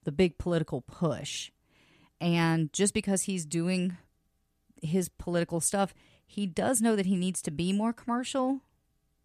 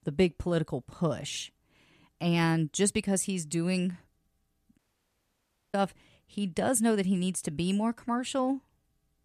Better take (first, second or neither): first